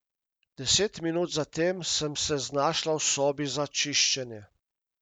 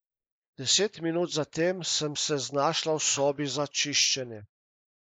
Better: first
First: none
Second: noise reduction (neural mask model Resemble Enhance denoiser)

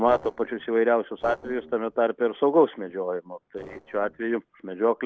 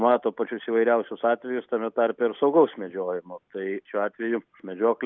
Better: second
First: noise reduction (neural separator model SepFormer DNS4)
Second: none

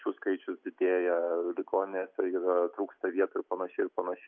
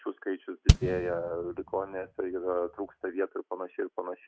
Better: first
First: none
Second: noise reduction (neural mask model RNNoise)

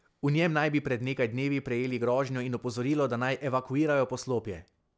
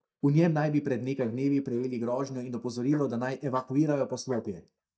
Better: first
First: none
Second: noise reduction (neural mask model DeepFilterNet 3)

